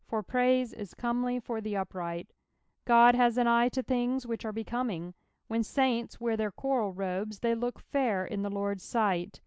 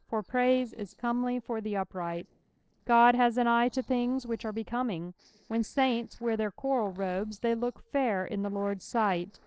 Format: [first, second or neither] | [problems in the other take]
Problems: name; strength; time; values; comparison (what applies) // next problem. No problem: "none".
first | noise reduction (neural separator model SepFormer DNS4)